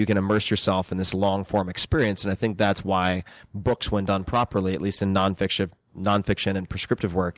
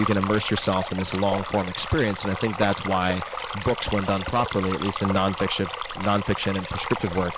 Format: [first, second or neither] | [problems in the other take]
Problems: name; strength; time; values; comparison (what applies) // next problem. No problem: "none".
first | background sound (Stream); 7 dB below the speech